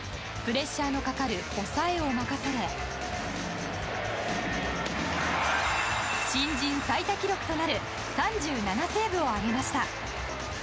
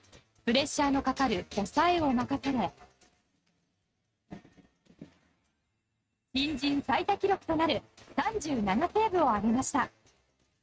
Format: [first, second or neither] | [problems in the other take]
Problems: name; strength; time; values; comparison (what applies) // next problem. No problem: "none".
first | noise reduction (neural mask model RNNoise)